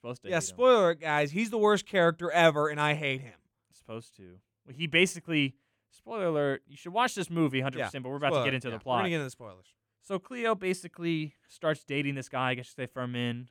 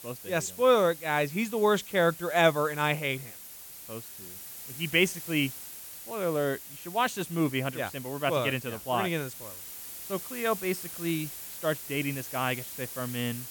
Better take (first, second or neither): first